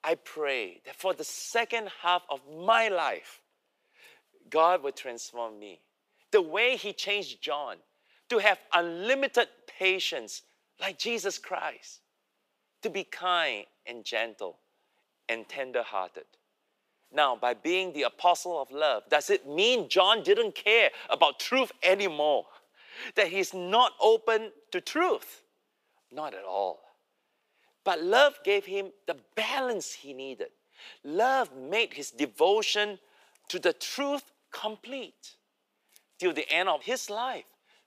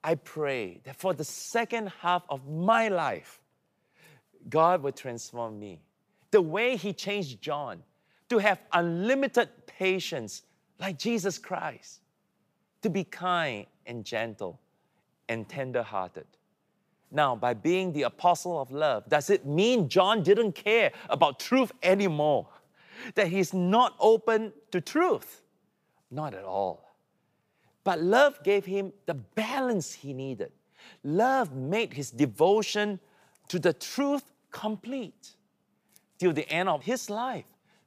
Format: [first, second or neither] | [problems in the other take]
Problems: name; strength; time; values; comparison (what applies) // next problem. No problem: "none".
second | thin; somewhat; fading below 350 Hz